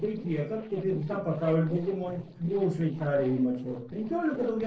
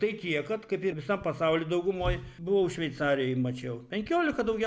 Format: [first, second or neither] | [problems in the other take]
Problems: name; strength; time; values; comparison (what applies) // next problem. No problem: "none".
second | noise reduction (neural separator model SepFormer DNS4)